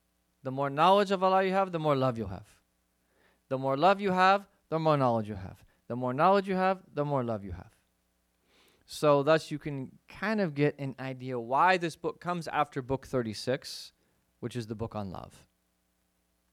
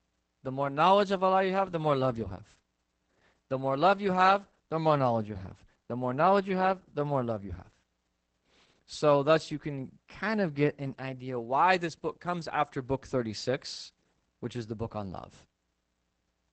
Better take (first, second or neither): first